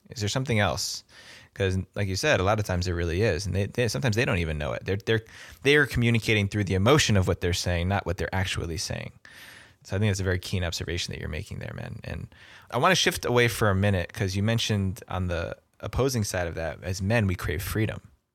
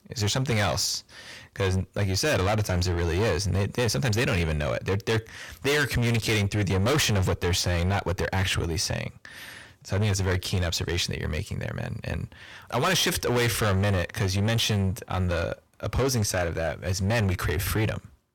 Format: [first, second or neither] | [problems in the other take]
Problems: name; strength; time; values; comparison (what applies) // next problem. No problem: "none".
first | distortion; heavy; 18% of the sound clipped